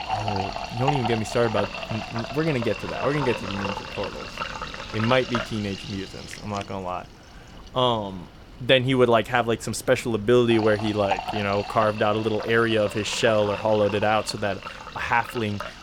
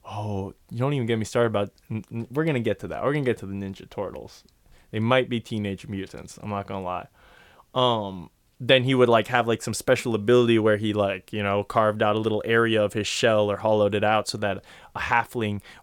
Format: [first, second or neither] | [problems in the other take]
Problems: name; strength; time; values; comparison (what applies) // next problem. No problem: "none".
second | household noises; loud; throughout; 8 dB below the speech